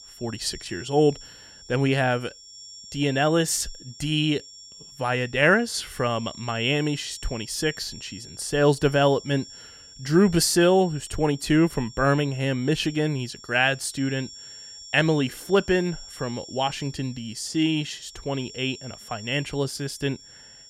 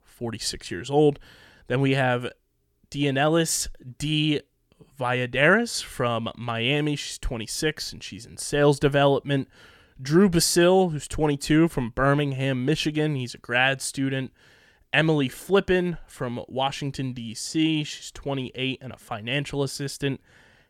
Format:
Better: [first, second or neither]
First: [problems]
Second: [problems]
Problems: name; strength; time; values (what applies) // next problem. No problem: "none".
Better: second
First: high-pitched whine; noticeable; throughout; 5.5 kHz, 15 dB below the speech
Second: none